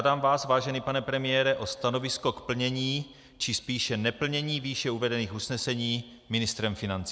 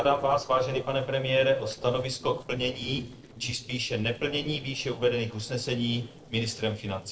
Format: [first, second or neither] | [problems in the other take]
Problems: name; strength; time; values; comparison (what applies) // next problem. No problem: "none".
first | noise reduction (neural separator model SepFormer DNS4)